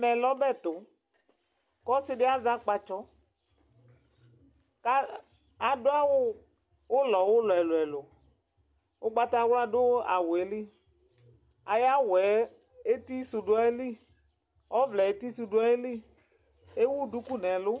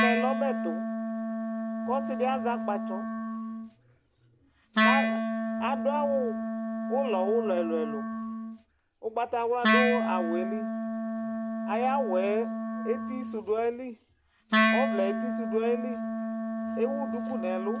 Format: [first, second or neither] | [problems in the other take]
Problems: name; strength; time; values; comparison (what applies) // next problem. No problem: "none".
first | background sound (Wind instrument, woodwind instrument); 2 dB above the speech